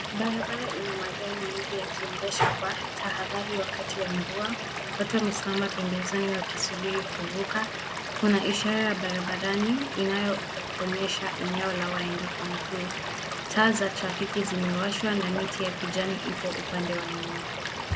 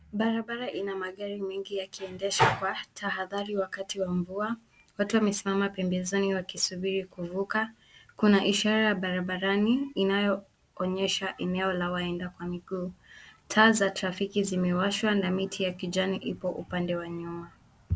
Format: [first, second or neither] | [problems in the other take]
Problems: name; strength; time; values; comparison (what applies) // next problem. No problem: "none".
second | background sound (Stream / Liquid); 4 dB below the speech